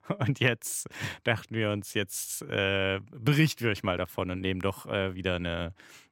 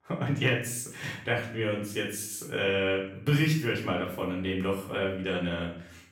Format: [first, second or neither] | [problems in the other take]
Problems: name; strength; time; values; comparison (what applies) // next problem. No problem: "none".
first | off-mic speech; far // room echo; noticeable; dies away in 0.5 s